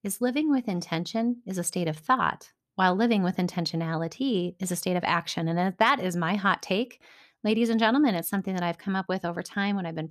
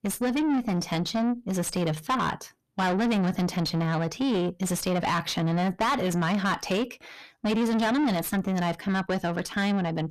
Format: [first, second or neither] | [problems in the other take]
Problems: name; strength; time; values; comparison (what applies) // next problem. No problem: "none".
first | distortion; heavy; 7 dB below the speech